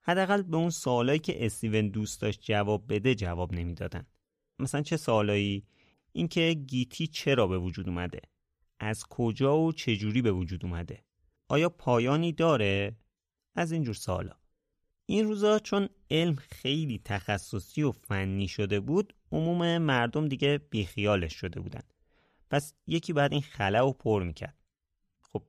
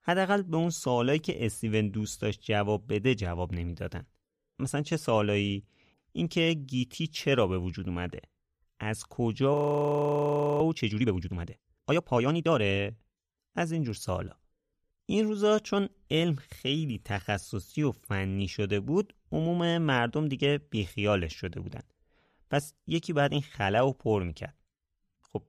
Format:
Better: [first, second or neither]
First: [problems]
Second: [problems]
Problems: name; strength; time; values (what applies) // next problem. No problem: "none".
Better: first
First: none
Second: audio freezing; at 9.5 s for 1 s